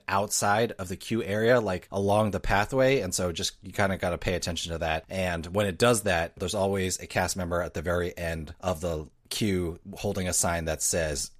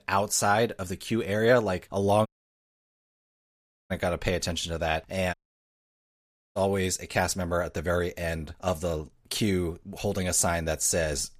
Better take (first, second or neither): first